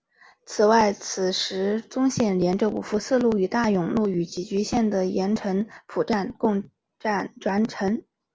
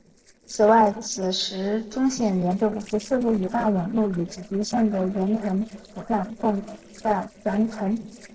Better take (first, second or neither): first